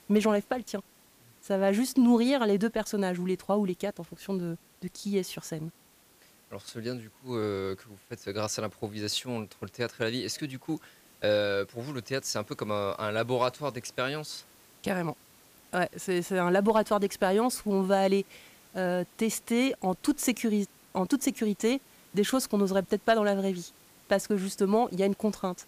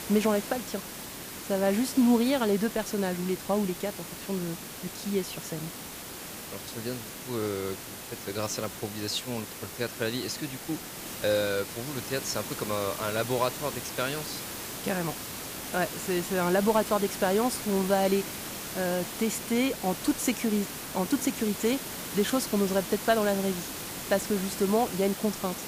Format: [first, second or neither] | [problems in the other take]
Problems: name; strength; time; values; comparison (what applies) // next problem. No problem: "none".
first | hiss; loud; throughout; 7 dB below the speech; faint in the first